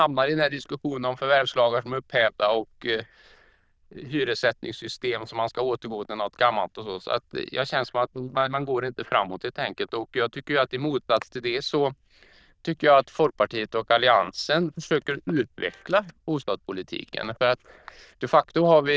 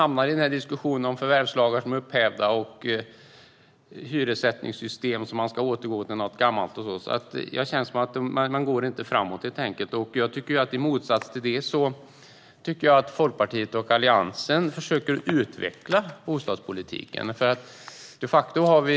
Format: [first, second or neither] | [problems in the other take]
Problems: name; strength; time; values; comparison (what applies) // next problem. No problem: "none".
second | noise reduction (neural diffusion model UNIVERSE++)